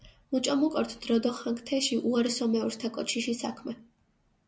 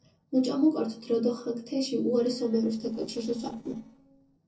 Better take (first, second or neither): first